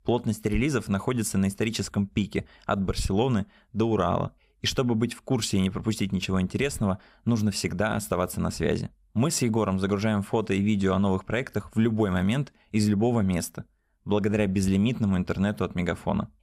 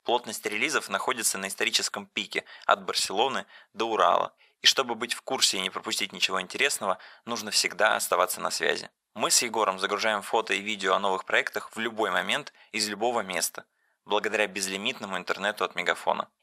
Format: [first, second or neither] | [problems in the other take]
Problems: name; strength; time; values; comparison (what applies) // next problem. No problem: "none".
first | thin; very; fading below 800 Hz